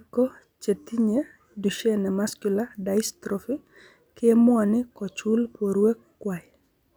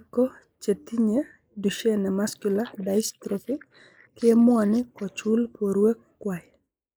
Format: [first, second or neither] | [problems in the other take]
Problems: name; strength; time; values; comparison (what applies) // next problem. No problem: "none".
first | noise reduction (neural mask model Resemble Enhance denoiser)